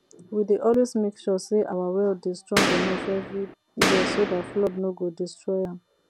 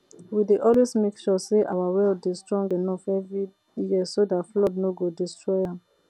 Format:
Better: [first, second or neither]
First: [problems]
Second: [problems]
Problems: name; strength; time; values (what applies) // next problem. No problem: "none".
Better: second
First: background sound (Boom); as loud as the speech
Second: none